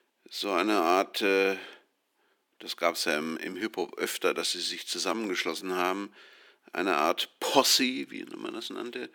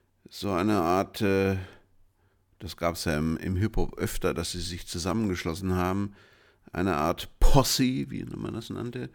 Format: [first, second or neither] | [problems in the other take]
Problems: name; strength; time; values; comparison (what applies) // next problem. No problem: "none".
second | thin; somewhat; fading below 300 Hz